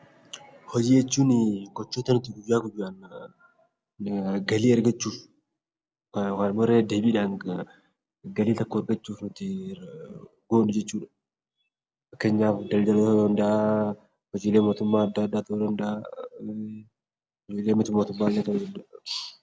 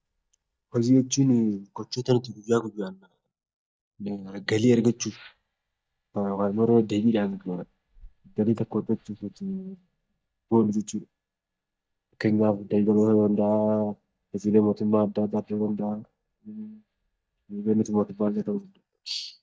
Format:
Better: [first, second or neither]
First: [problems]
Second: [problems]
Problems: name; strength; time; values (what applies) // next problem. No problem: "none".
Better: first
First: none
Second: noise reduction (neural mask model DeepFilterNet 3)